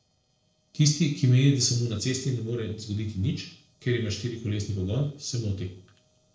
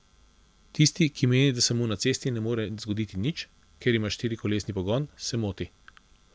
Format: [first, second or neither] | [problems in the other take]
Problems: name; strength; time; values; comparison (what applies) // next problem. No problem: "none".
second | noise reduction (neural separator model SepFormer DNS4)